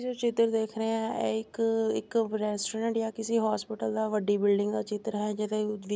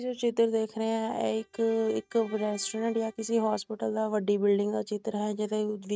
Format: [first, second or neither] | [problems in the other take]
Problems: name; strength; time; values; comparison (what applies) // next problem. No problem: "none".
first | noise reduction (neural mask model RNNoise)